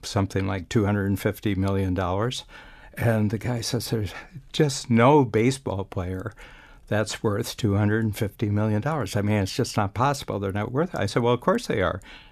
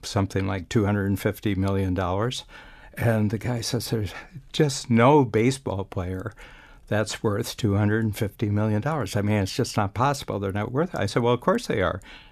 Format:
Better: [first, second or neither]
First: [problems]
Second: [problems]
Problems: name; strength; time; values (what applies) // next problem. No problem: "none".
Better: neither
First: none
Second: none